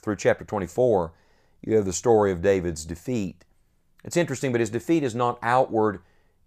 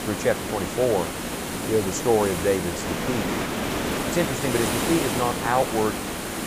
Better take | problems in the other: first | hiss; loud; throughout; 2 dB below the speech

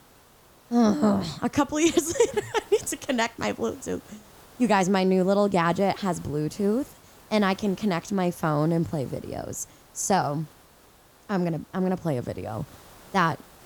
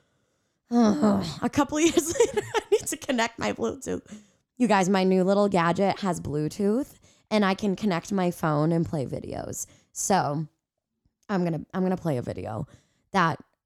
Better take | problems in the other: second | hiss; faint; throughout; 25 dB below the speech

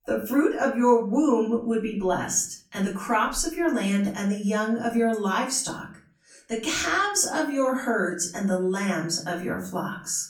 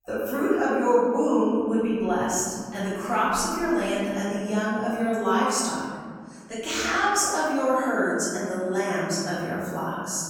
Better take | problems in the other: first | room echo; strong; dies away in 2 s; slight in the first // off-mic speech; far; far in the first

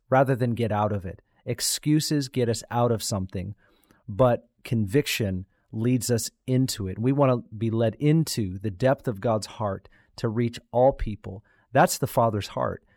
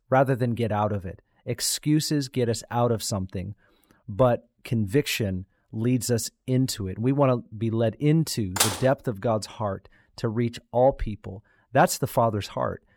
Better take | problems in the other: first | clattering dishes; loud; at 8.5 s; peak 2 dB above the speech

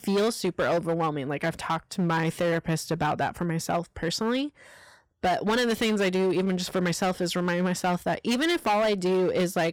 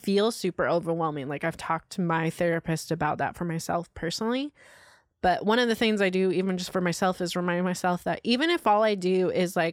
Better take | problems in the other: second | distortion; slight; 14% of the sound clipped

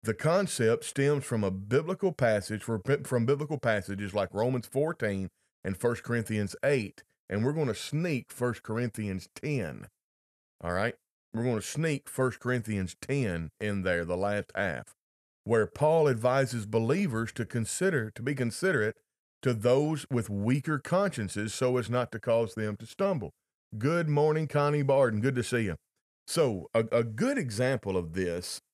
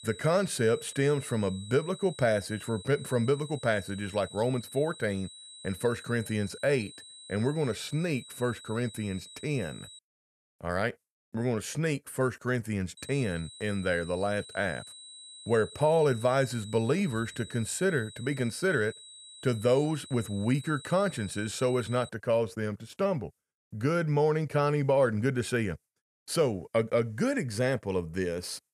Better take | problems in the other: first | high-pitched whine; noticeable; until 10 s and from 13 to 22 s; 4 kHz, 15 dB below the speech

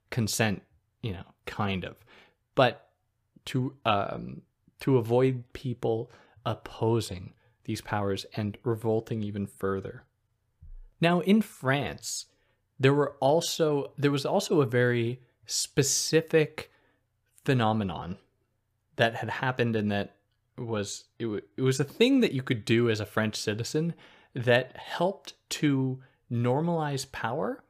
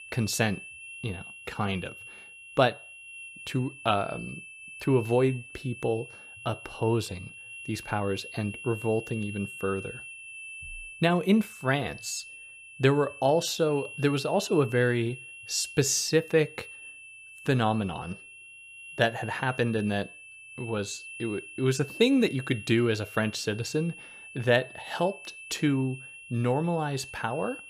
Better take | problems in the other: first | high-pitched whine; noticeable; throughout; 2.5 kHz, 15 dB below the speech

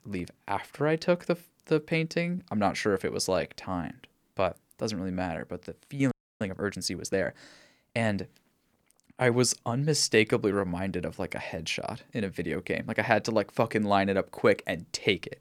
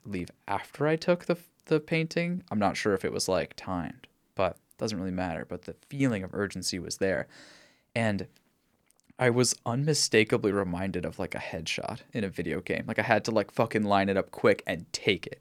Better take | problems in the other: second | audio freezing; at 6 s

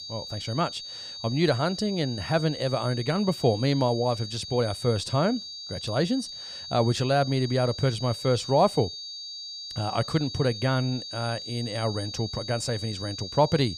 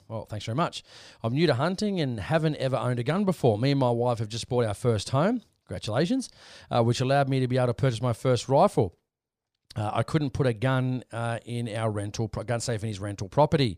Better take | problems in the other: second | high-pitched whine; loud; throughout; 4.5 kHz, 9 dB below the speech

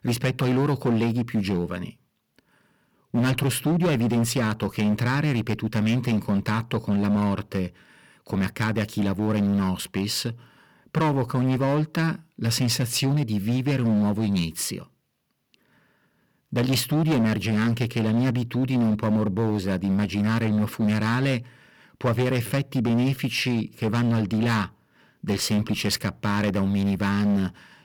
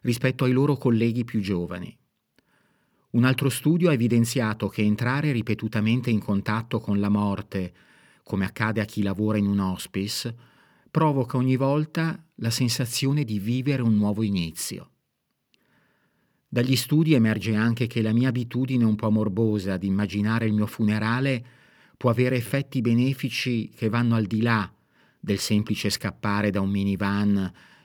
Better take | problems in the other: second | distortion; slight; 13% of the sound clipped

